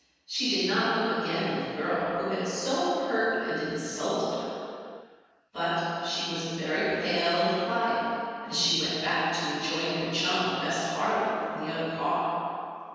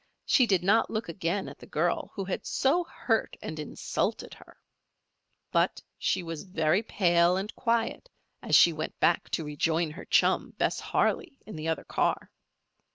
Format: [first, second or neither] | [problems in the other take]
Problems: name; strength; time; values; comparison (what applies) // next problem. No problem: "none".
second | room echo; dies away in 2.1 s